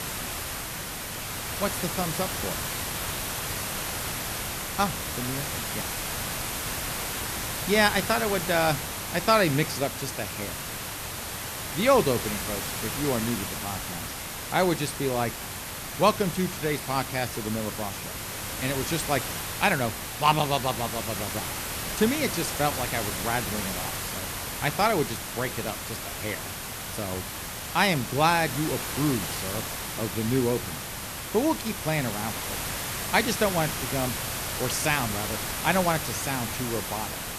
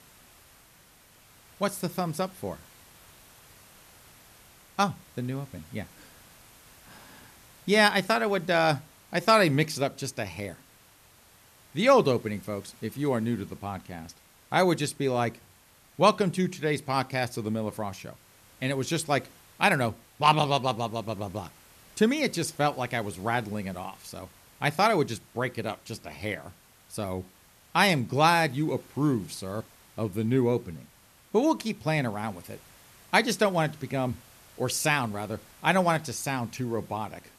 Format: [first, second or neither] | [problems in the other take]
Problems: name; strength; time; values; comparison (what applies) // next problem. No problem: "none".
second | hiss; loud; throughout; 4 dB below the speech; faint in the second